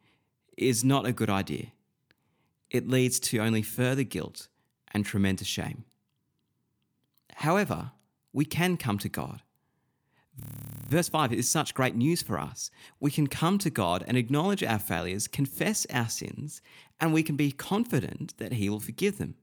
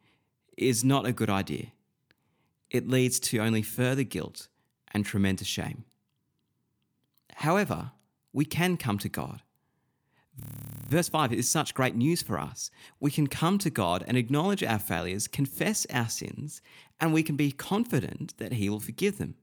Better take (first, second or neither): neither